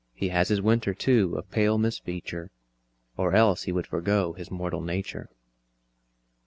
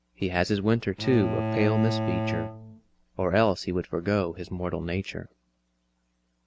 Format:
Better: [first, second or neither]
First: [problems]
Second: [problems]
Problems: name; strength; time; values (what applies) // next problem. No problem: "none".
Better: first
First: none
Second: background sound (Bowed string instrument); 4 dB below the speech